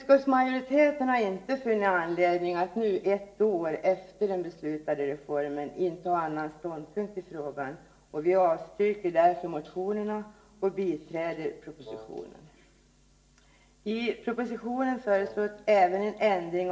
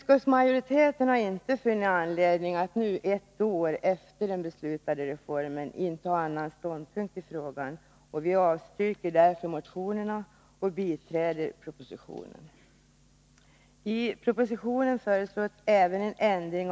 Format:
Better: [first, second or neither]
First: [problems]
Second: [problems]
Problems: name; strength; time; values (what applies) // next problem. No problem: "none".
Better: second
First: background sound (Wind instrument, woodwind instrument); 18 dB below the speech // room echo; dies away in 1 s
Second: none